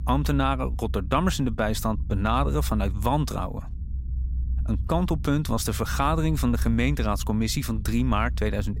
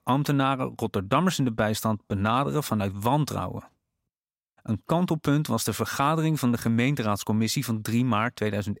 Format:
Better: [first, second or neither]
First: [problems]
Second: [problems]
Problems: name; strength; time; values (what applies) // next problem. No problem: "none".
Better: second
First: low rumble; faint; throughout; 20 dB below the speech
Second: none